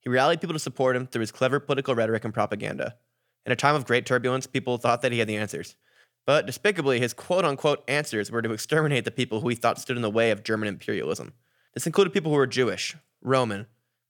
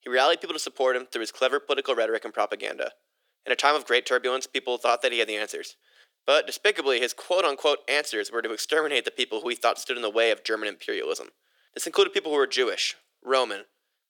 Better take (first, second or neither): first